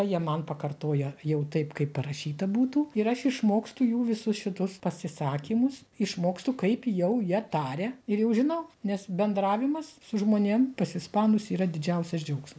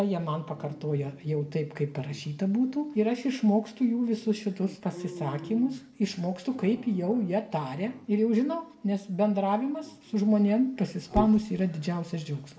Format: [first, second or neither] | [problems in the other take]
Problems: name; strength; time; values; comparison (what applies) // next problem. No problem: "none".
first | background sound (Dog); 17 dB below the speech // room echo; dies away in 0.6 s